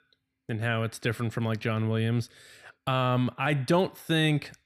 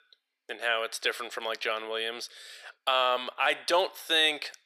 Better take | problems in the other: first | thin; very; fading below 500 Hz

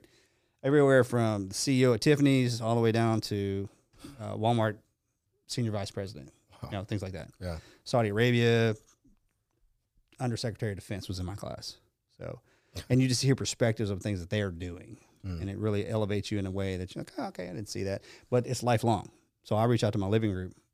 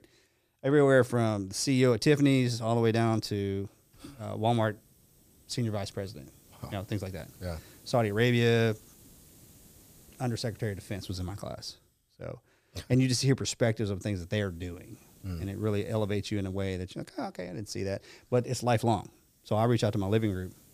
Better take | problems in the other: first | hiss; faint; throughout; 30 dB below the speech

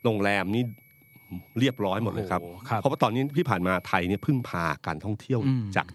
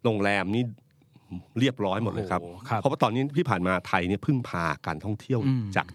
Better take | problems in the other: second | high-pitched whine; faint; until 5 s; 2.5 kHz, 30 dB below the speech

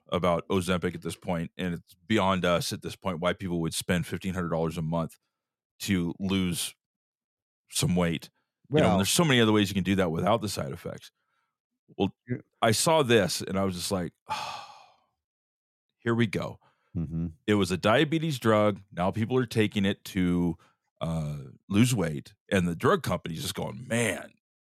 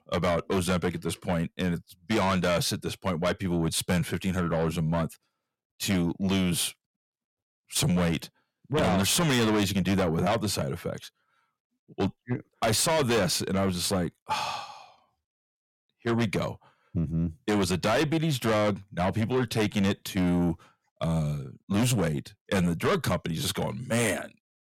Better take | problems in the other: first | distortion; heavy; 7 dB below the speech

